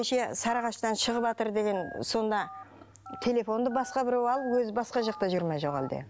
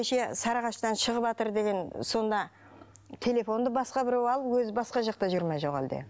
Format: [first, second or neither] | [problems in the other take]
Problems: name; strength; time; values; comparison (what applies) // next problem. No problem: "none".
second | background sound (Telephone); 18 dB below the speech